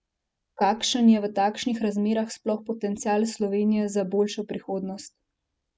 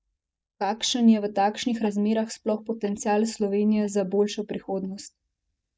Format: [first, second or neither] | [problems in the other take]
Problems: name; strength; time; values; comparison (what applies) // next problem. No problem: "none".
first | noise reduction (neural mask model DeepFilterNet 3)